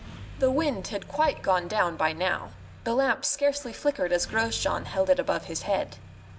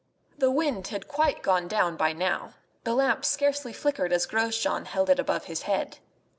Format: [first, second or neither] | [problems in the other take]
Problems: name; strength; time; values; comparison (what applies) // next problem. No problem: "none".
second | background sound (Engine starting); 16 dB below the speech